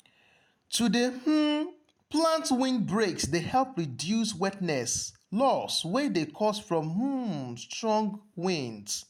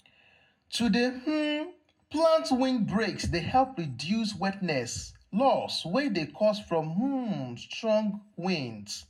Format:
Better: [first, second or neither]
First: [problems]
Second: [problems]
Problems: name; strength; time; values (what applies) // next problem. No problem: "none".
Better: first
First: none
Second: room echo; dies away in 0.3 s